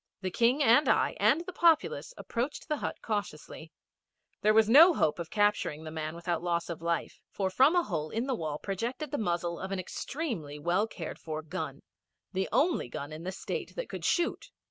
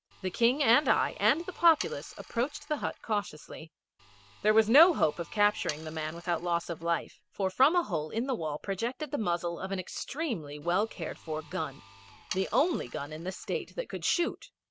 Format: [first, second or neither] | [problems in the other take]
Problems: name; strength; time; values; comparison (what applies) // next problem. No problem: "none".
first | background sound (Sawing); 19 dB below the speech